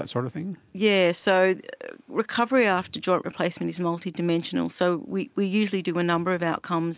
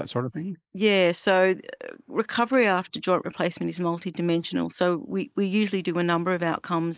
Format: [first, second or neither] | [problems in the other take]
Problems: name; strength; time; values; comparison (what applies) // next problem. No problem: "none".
first | noise reduction (neural mask model Resemble Enhance denoiser)